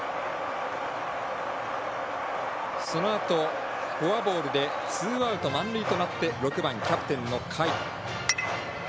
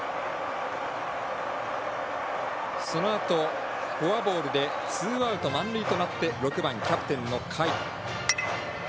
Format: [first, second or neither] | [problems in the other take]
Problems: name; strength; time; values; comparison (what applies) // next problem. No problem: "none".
first | background sound (Wind instrument, woodwind instrument); 19 dB below the speech